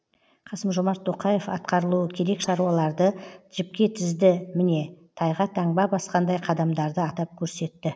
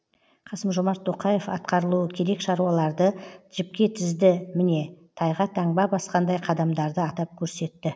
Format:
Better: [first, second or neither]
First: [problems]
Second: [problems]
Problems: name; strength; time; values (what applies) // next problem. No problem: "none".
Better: second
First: noise reduction (neural mask model Resemble Enhance denoiser)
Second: none